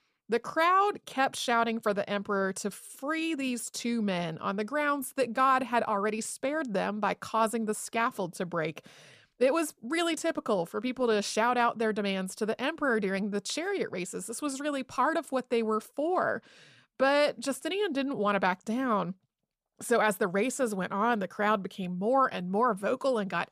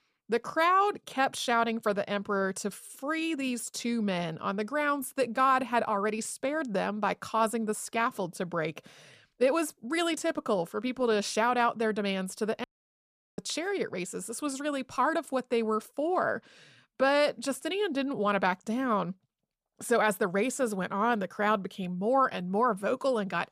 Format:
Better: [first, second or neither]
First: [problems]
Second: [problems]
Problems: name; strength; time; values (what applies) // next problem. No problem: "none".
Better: first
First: none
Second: audio cutting out; at 13 s for 0.5 s